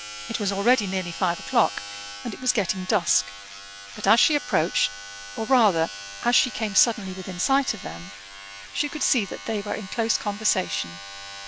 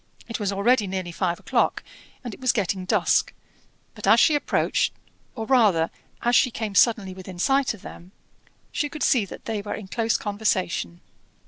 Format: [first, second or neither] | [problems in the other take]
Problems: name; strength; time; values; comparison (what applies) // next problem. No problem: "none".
second | background sound (Domestic sounds, home sounds); 13 dB below the speech